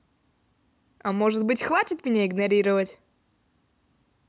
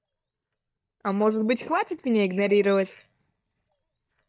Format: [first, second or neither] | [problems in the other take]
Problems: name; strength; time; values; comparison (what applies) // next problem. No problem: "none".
first | noise reduction (neural mask model DeepFilterNet 3)